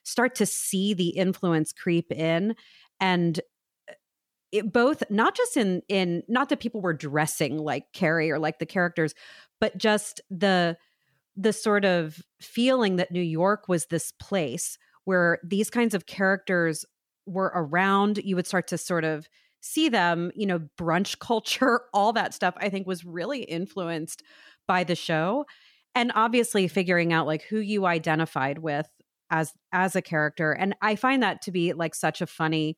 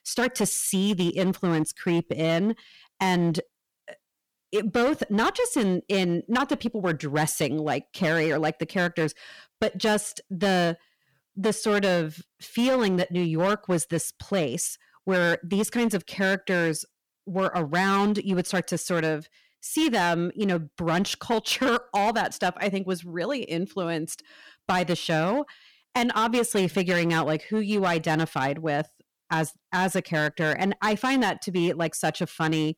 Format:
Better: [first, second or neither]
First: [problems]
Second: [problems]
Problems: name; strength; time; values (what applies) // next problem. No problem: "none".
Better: first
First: none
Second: distortion; slight; 9% of the sound clipped